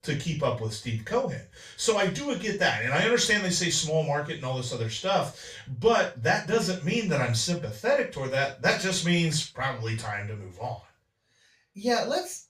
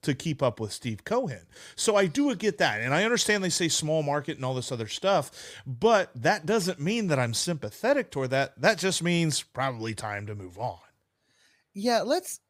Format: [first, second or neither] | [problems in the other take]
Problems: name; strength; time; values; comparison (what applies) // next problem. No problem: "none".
second | room echo; slight; dies away in 0.3 s // off-mic speech; far